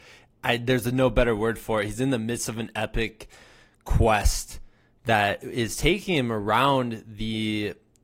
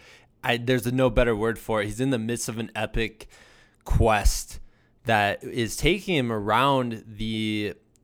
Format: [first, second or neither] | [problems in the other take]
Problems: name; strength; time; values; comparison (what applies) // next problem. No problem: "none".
second | garbled, watery; slightly; nothing above 15.5 kHz